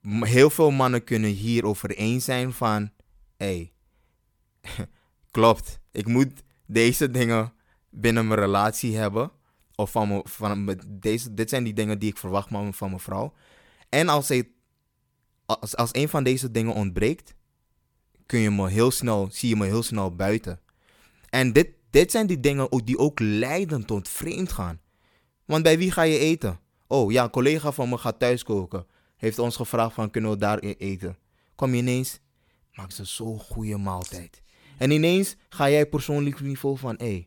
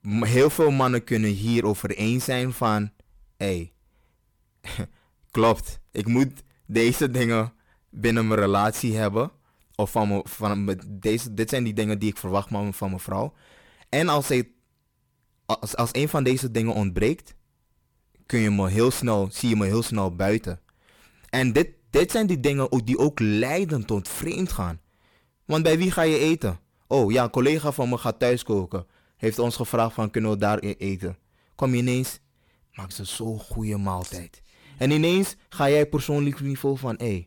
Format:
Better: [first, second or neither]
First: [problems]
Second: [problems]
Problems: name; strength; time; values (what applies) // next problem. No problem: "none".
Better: first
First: none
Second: distortion; slight; 10 dB below the speech